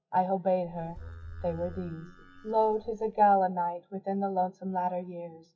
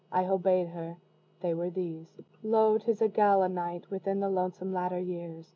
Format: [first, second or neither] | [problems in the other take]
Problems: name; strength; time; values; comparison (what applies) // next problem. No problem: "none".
second | noise reduction (classical method WPE with log-MMSE)